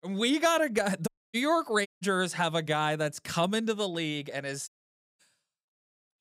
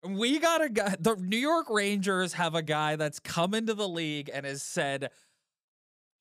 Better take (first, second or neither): second